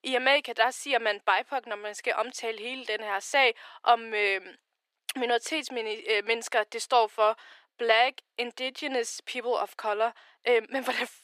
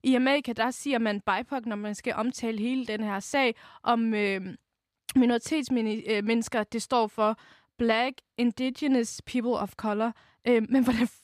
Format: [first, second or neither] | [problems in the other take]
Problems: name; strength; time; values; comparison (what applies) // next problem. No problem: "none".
second | thin; very; fading below 350 Hz